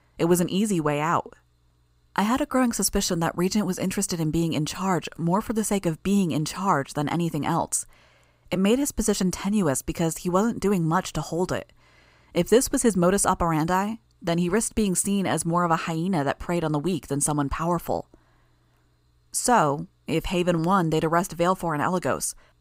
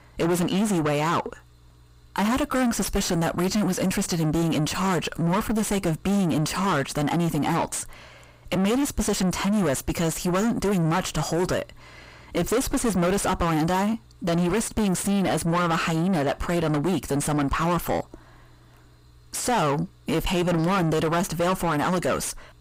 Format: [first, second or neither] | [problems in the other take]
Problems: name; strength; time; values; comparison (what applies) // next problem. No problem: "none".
first | distortion; heavy; 5 dB below the speech